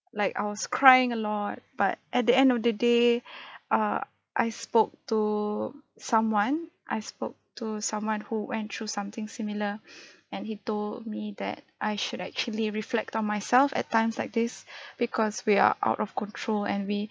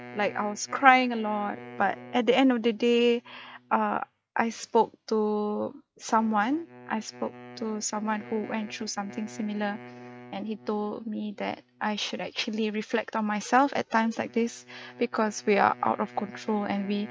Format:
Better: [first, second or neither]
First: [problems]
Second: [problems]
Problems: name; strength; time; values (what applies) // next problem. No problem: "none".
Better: first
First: none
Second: noise reduction (neural mask model RNNoise)